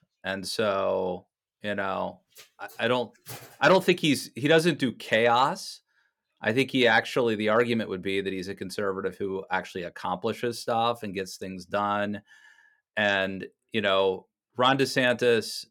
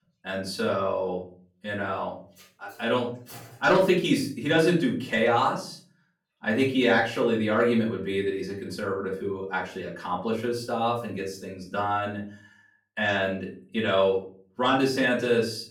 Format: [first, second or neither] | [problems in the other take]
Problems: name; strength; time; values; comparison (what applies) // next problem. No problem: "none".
first | off-mic speech; far // room echo; slight; dies away in 0.4 s